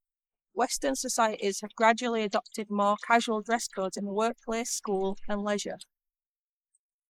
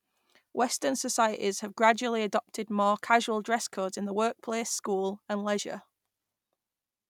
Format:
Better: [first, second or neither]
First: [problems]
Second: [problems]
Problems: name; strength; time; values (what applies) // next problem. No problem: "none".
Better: second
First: noise reduction (neural mask model Resemble Enhance denoiser)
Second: none